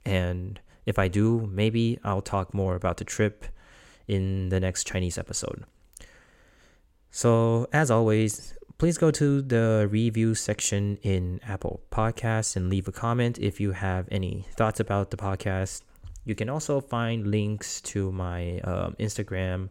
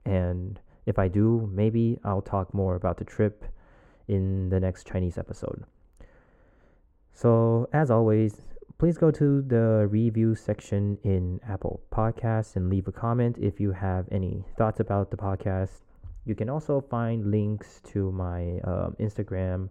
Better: first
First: none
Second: muffled; very; fading above 2 kHz

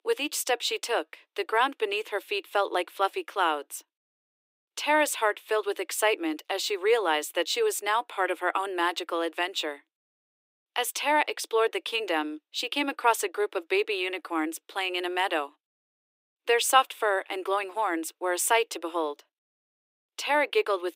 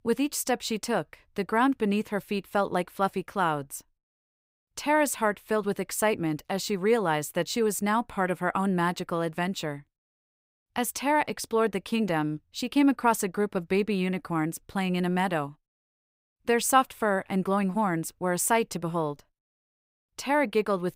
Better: second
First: thin; very; fading below 300 Hz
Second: none

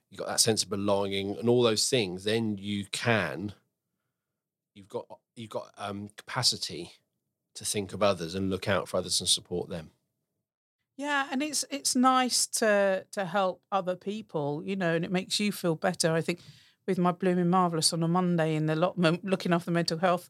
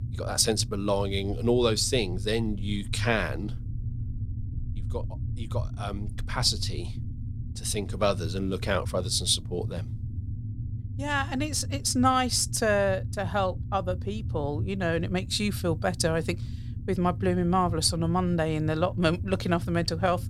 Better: first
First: none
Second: low rumble; faint; throughout; 20 dB below the speech

